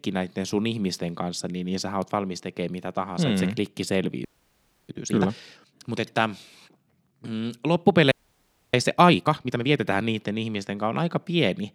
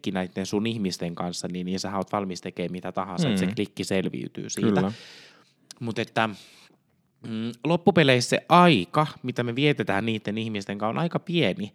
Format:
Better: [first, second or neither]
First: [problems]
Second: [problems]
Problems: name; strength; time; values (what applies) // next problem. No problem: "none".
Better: second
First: audio freezing; at 4.5 s for 0.5 s and at 8 s for 0.5 s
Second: none